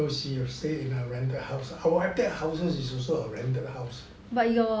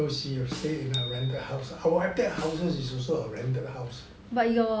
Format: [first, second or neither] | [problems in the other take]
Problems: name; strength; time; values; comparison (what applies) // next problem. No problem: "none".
first | background sound (Snare drum + Bicycle bell); 13 dB below the speech